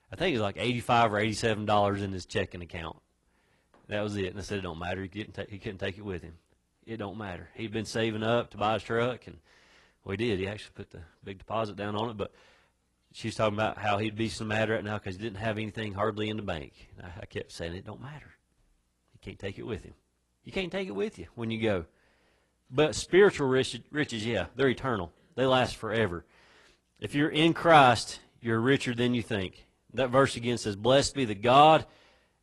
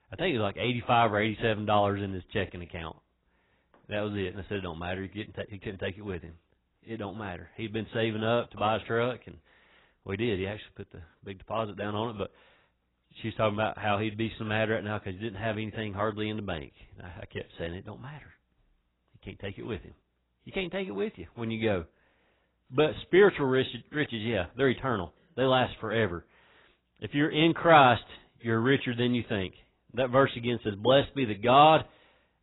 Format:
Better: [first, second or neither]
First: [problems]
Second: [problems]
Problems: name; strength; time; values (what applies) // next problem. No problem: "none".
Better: first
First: garbled, watery; slightly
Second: garbled, watery; badly; nothing above 4 kHz